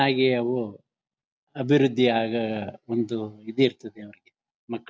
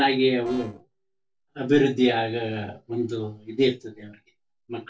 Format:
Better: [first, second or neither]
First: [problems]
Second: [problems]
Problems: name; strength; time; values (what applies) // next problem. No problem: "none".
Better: first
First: none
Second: noise reduction (neural separator model SepFormer DNS4)